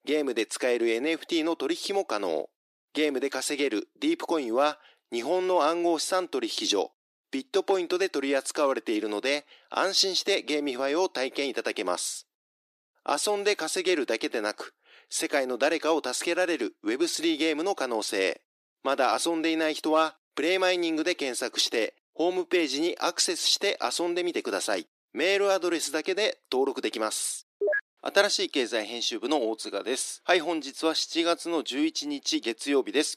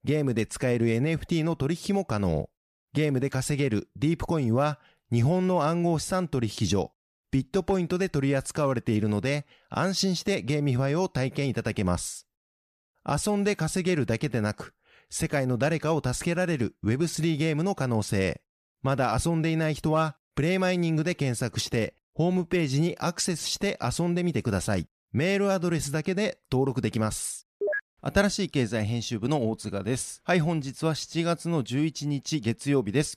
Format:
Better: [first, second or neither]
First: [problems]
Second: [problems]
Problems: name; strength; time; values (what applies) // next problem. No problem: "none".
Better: second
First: thin; somewhat; fading below 300 Hz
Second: none